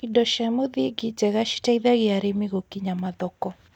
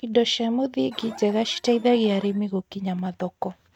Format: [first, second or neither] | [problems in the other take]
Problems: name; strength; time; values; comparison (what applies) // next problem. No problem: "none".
first | noise reduction (neural mask model RNNoise)